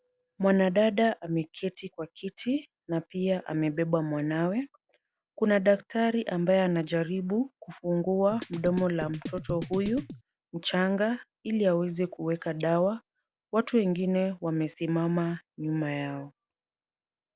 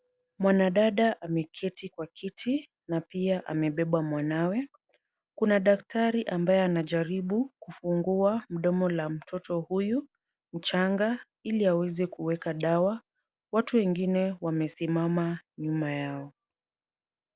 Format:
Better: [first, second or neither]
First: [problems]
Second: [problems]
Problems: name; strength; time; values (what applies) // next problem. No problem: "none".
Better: second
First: background sound (Drum kit); 10 dB below the speech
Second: none